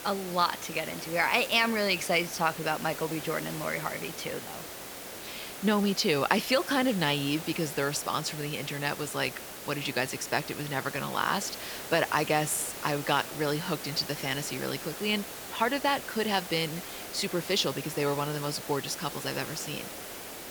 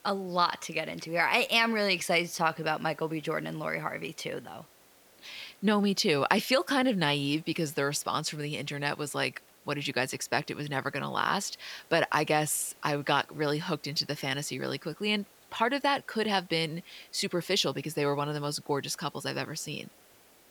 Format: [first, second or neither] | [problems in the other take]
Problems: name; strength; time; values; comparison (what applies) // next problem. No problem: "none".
second | hiss; loud; throughout; 9 dB below the speech; faint in the second